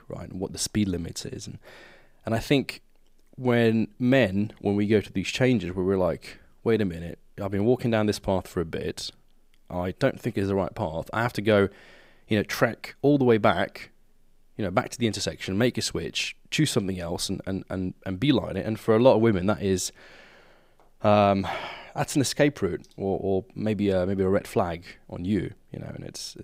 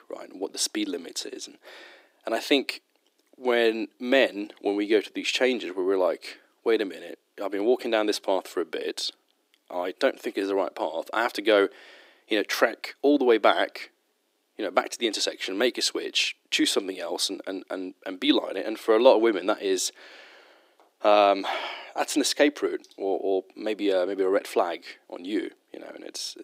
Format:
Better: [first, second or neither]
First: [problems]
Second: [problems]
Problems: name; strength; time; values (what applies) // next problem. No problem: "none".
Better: first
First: none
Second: thin; somewhat; fading below 300 Hz